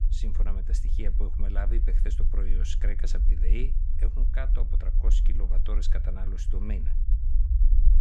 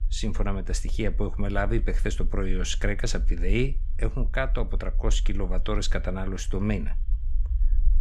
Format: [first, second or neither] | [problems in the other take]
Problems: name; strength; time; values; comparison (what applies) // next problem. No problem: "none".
second | low rumble; loud; throughout; 7 dB below the speech; faint in the second